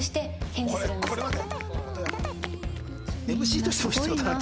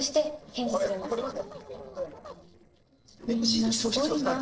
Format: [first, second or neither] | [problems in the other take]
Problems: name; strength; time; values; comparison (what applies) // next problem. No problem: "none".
first | noise reduction (neural separator model SepFormer DNS4)